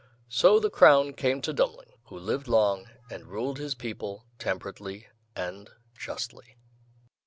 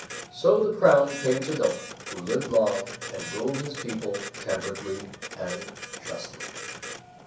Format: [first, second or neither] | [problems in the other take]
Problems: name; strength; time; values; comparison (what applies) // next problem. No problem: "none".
first | background sound (Printer); 11 dB below the speech // room echo; dies away in 0.6 s